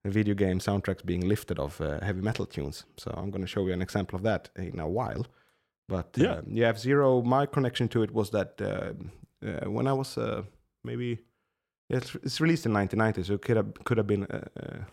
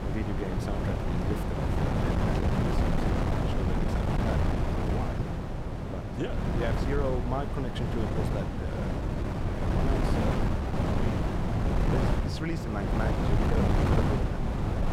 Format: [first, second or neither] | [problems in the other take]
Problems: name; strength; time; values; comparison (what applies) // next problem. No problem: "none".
first | wind noise on the microphone; heavy; 5 dB above the speech